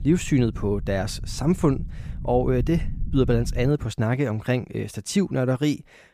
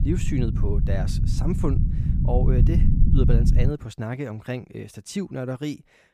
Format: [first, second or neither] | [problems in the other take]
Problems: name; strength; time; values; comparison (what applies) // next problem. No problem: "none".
first | low rumble; loud; until 3.5 s; 3 dB below the speech; faint in the first